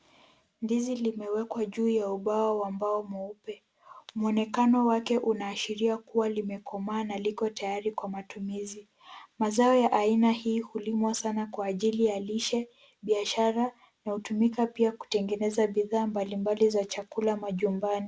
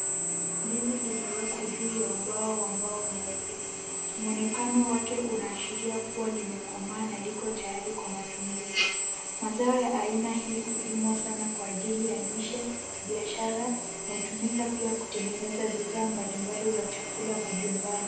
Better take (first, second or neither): first